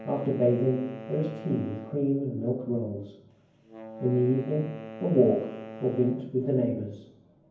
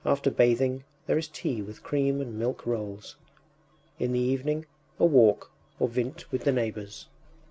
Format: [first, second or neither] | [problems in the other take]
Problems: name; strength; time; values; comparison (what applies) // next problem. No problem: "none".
second | background sound (Wind instrument, woodwind instrument); 15 dB below the speech // room echo; dies away in 0.9 s